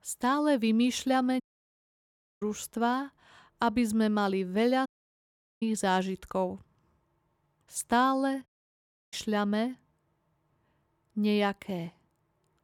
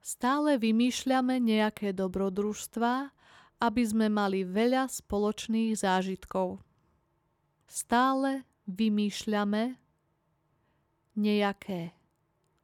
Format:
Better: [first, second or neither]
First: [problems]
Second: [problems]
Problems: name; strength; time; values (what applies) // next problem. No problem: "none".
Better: second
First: audio cutting out; at 1.5 s for 1 s, at 5 s for 1 s and at 8.5 s for 0.5 s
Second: none